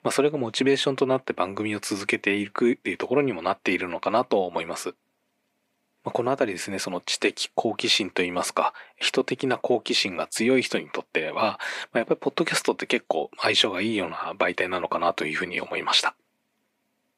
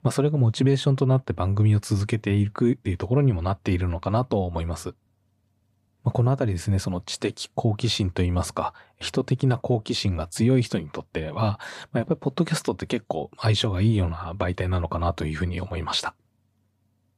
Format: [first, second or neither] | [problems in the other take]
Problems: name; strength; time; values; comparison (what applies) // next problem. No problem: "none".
second | thin; somewhat; fading below 300 Hz